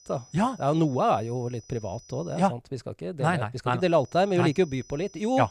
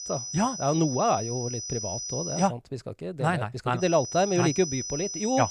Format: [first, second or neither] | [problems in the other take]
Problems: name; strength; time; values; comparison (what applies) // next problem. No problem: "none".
first | high-pitched whine; loud; until 2.5 s and from 4 s on; 6 kHz, 6 dB below the speech; faint in the first